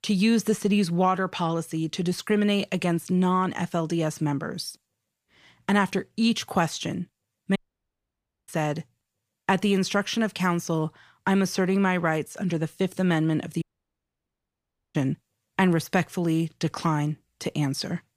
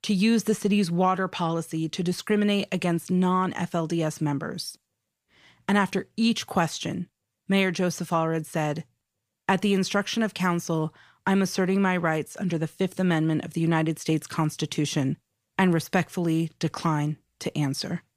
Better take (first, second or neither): second